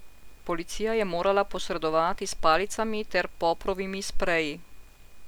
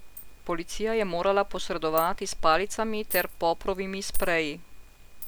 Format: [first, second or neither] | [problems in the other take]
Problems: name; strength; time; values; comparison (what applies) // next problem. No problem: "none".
first | background sound (Coin (dropping)); 17 dB below the speech